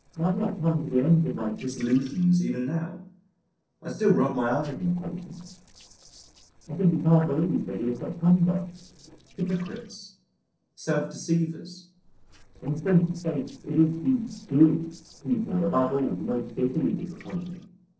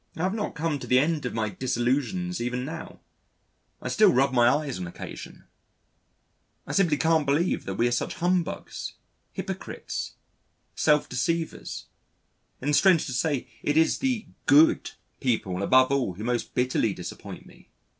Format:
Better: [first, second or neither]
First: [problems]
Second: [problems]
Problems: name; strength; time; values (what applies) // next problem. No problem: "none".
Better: second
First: noise reduction (neural separator model SepFormer DNS4)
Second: none